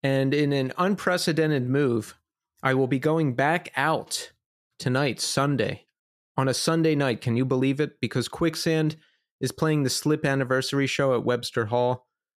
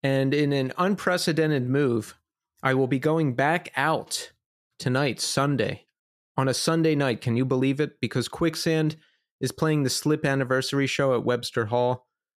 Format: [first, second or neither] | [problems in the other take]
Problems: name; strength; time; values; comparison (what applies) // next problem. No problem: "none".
neither | none